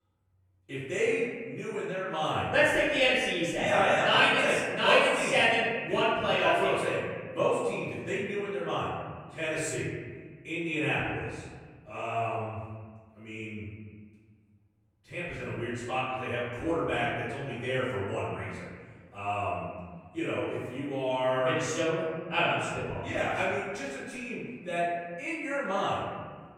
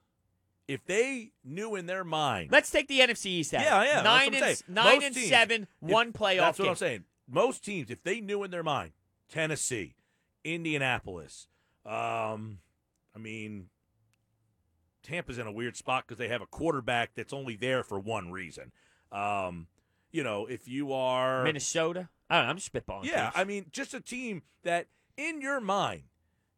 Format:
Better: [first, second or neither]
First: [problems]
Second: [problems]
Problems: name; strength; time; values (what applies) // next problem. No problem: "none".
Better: second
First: off-mic speech; far // room echo; strong; dies away in 1.7 s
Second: none